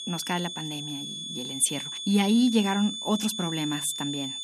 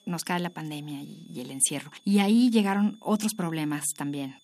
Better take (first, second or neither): second